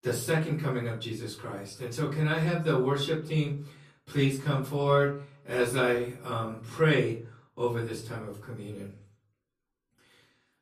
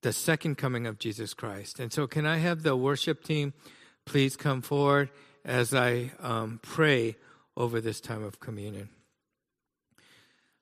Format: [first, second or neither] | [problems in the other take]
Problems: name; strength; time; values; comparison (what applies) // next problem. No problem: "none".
second | off-mic speech; far // room echo; slight; dies away in 0.4 s